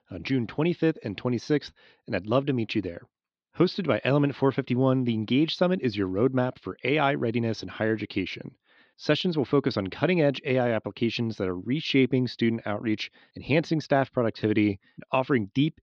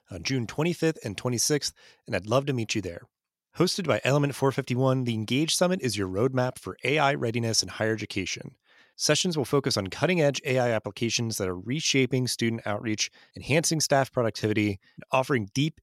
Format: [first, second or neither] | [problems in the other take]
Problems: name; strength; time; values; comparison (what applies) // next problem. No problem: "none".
second | muffled; slightly; fading above 4 kHz